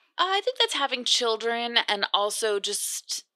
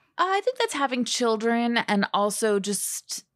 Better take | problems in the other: second | thin; somewhat; fading below 350 Hz

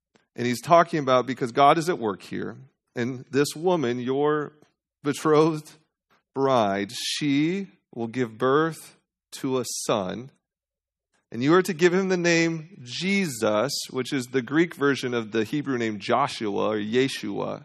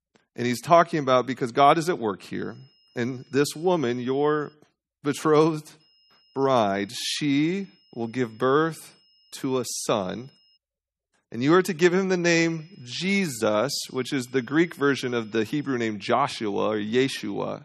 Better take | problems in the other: first | high-pitched whine; faint; from 2.5 to 4.5 s, from 6 to 11 s and from 12 to 16 s; 5 kHz, 35 dB below the speech

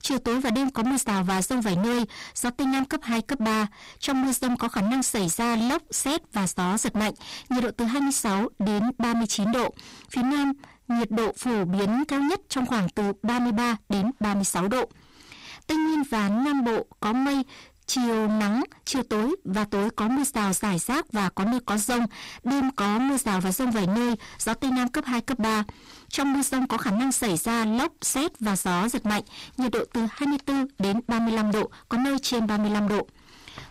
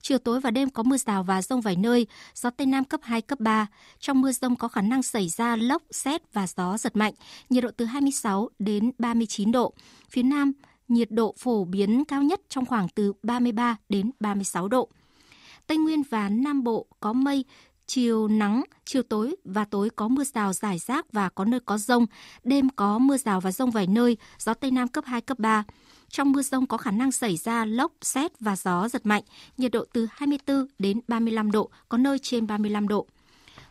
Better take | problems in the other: second | distortion; heavy; 38% of the sound clipped

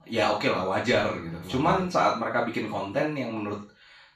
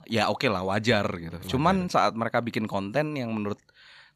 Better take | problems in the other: second | room echo; noticeable; dies away in 0.3 s // off-mic speech; far

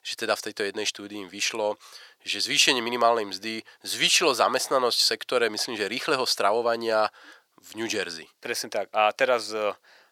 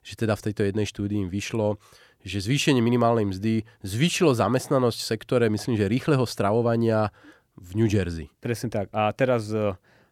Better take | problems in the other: second | thin; very; fading below 650 Hz

